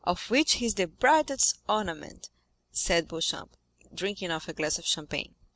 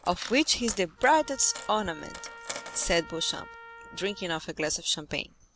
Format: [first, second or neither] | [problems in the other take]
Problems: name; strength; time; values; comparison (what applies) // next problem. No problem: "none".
first | background sound (Trumpet + Coin (dropping)); 15 dB below the speech